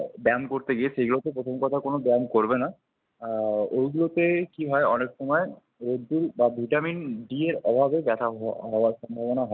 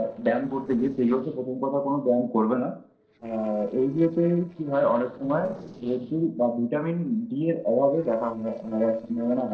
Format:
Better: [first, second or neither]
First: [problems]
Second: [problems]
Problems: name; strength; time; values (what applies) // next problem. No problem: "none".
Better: first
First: none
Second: noise reduction (neural separator model SepFormer DNS4)